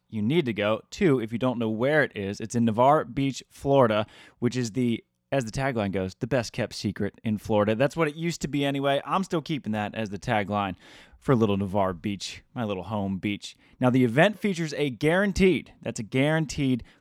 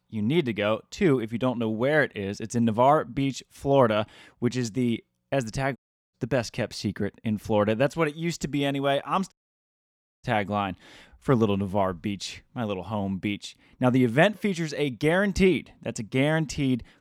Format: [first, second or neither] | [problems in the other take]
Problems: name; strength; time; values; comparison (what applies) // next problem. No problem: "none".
first | audio cutting out; at 6 s and at 9.5 s for 1 s